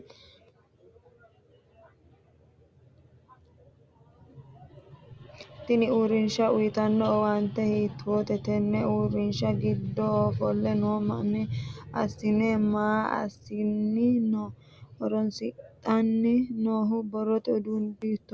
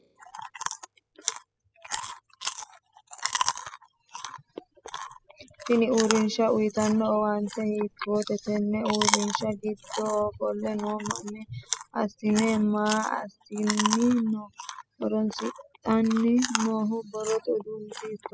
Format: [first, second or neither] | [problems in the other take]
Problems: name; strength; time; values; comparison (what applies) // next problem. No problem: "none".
first | noise reduction (classical method spectral subtraction)